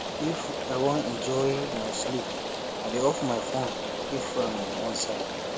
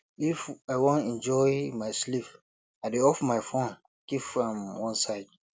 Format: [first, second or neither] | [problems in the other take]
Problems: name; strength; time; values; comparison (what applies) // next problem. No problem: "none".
second | background sound (Rain); 1 dB below the speech